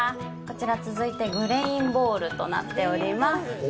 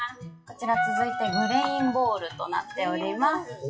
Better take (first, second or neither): first